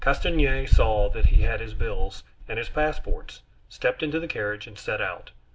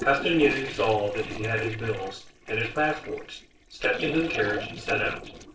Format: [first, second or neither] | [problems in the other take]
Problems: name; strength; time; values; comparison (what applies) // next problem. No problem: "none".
first | noise reduction (neural separator model SepFormer DNS4)